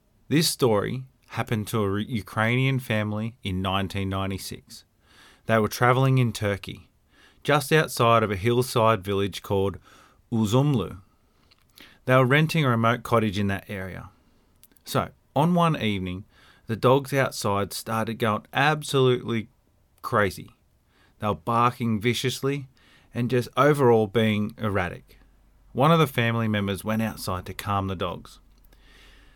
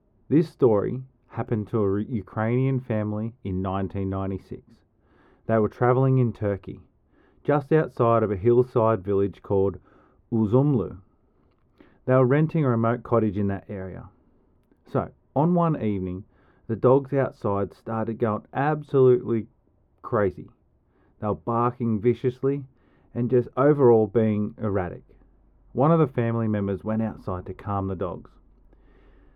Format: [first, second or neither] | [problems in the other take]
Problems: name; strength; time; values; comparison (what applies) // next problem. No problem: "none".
first | muffled; very; fading above 2.5 kHz